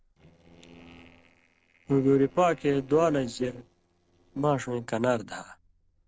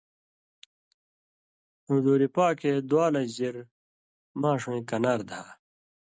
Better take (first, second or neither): second